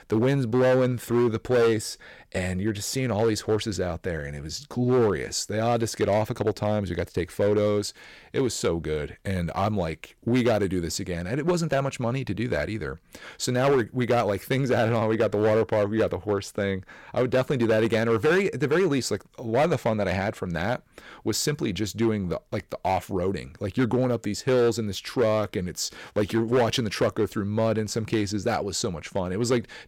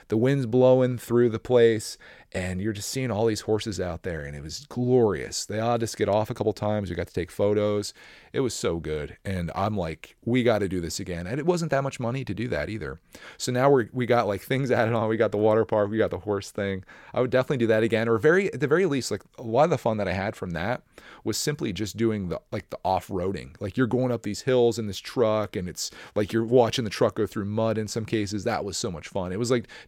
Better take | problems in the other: second | distortion; slight; 6% of the sound clipped

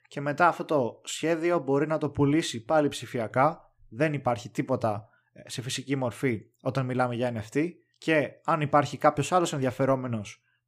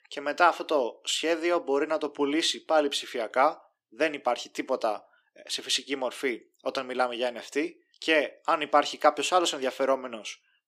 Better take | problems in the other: first | thin; somewhat; fading below 300 Hz

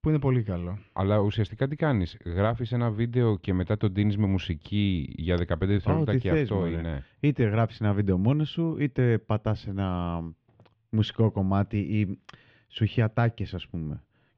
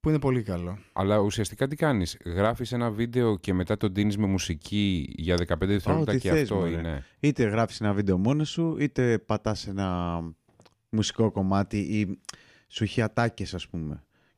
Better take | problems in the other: second | muffled; slightly; fading above 3.5 kHz

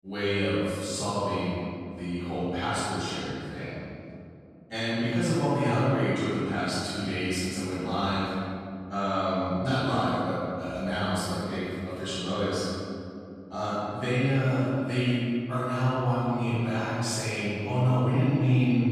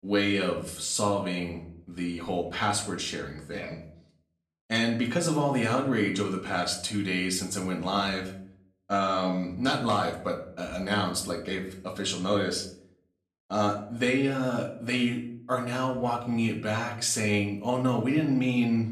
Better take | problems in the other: second | room echo; strong; dies away in 2.7 s; slight in the second // off-mic speech; far; somewhat distant in the second

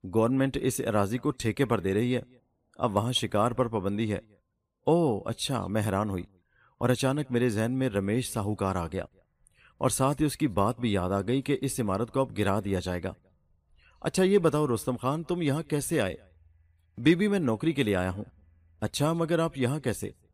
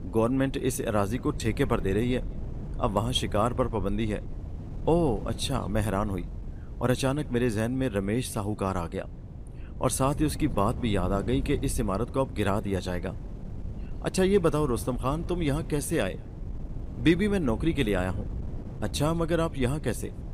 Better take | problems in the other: first | wind noise on the microphone; occasional gusts; 20 dB below the speech

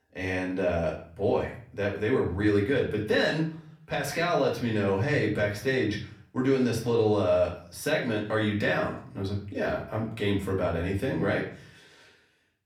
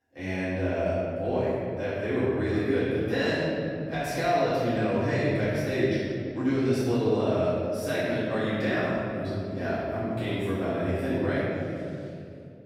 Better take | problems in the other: first | room echo; strong; dies away in 2.8 s; slight in the first // off-mic speech; far; far in the first

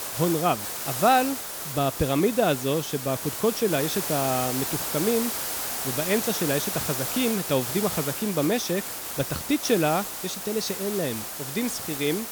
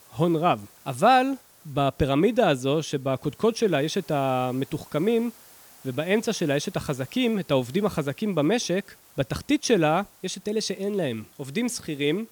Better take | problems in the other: second | hiss; loud; throughout; 3 dB below the speech; faint in the second

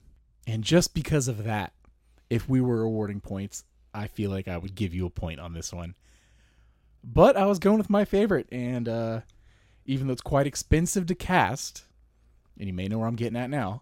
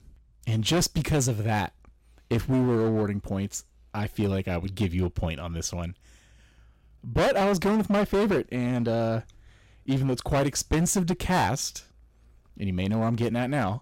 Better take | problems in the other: first | distortion; heavy; 11% of the sound clipped

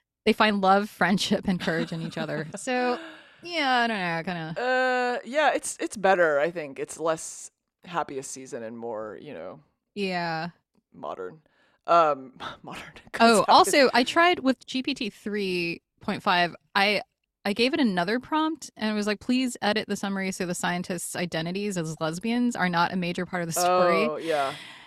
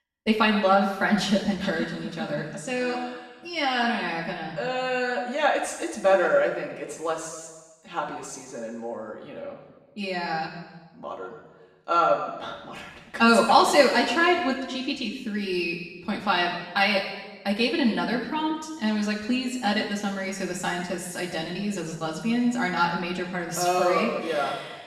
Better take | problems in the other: first | room echo; noticeable; dies away in 1.1 s // off-mic speech; far

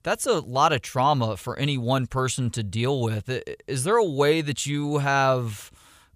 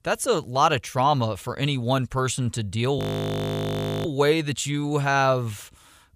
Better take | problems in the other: first | audio freezing; at 3 s for 1 s

